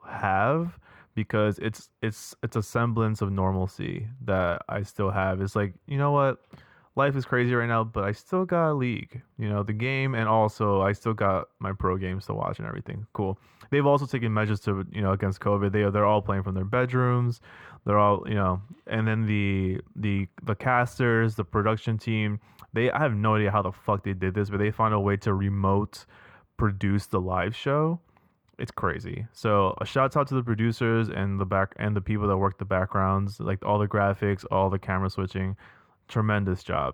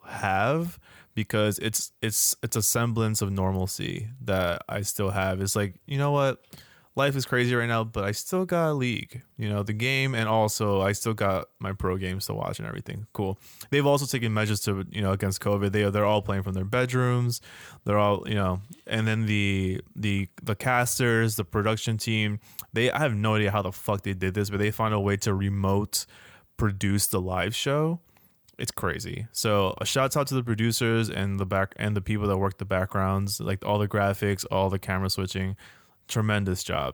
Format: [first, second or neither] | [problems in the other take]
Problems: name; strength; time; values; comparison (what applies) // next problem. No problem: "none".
second | muffled; very; fading above 4 kHz